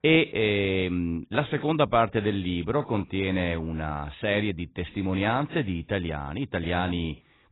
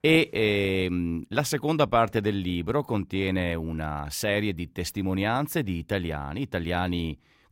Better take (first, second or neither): second